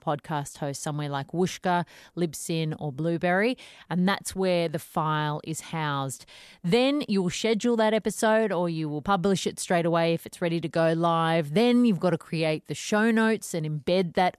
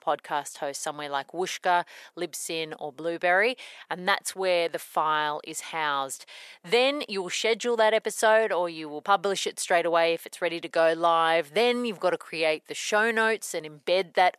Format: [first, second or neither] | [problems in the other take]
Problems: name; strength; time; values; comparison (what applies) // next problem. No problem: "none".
first | thin; very; fading below 550 Hz